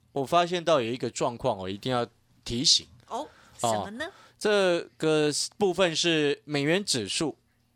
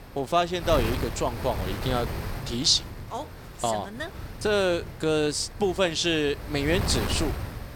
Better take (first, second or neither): first